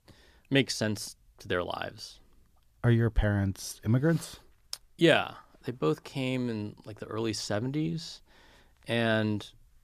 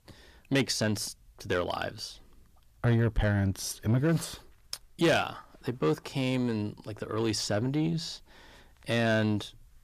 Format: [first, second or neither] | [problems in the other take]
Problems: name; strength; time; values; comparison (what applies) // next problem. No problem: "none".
first | distortion; slight; 10 dB below the speech